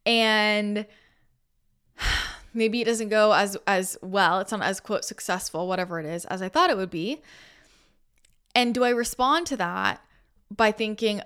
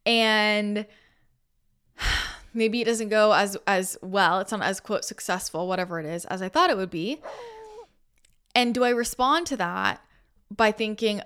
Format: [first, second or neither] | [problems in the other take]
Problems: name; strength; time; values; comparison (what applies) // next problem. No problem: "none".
first | dog barking; faint; at 7 s; peak 15 dB below the speech